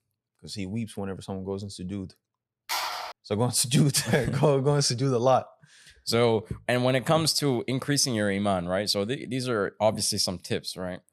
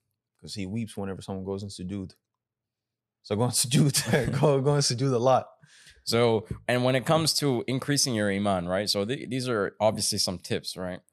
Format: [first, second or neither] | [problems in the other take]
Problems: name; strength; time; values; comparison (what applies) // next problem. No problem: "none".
second | phone ringing; noticeable; at 2.5 s; peak 4 dB below the speech